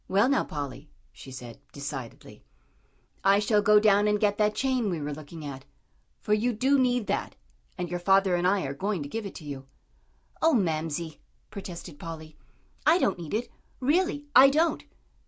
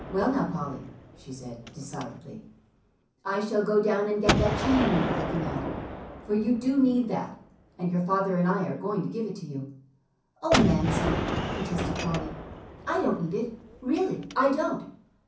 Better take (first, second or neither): first